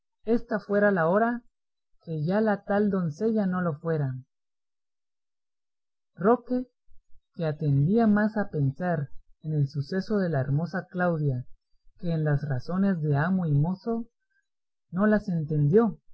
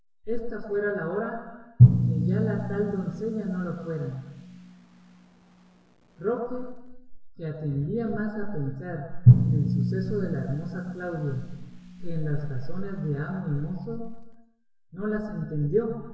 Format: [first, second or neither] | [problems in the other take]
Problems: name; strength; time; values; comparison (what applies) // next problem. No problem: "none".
first | background sound (Drum); 3 dB above the speech // room echo; dies away in 1.3 s